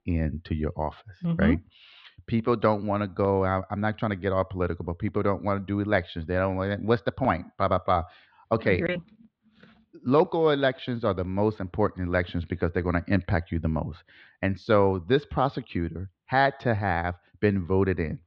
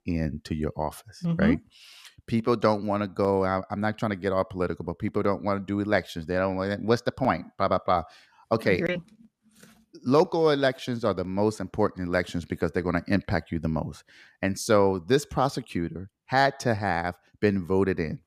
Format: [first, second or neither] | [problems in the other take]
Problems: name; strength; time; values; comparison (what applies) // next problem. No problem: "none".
second | muffled; slightly; fading above 4 kHz